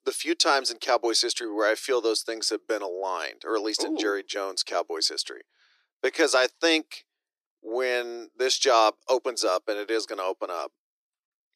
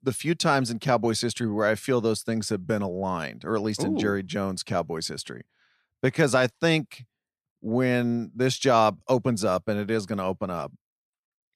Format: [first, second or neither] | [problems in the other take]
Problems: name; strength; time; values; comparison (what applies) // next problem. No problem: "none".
second | thin; very; fading below 300 Hz